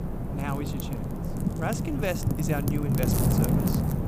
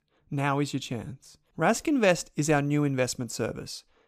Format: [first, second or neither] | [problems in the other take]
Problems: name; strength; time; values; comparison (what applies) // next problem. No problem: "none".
second | wind noise on the microphone; heavy; as loud as the speech